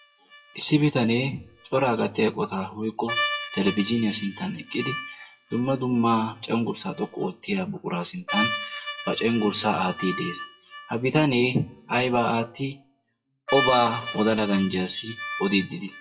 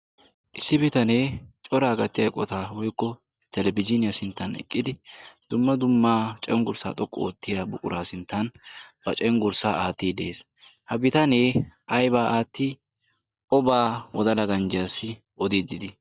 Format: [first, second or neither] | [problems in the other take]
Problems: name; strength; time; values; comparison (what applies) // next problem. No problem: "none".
second | noise reduction (classical method WPE with log-MMSE)